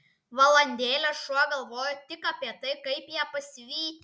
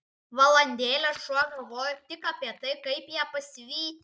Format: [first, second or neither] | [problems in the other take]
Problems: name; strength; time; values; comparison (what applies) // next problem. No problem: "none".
first | noise reduction (neural mask model DeepFilterNet 3)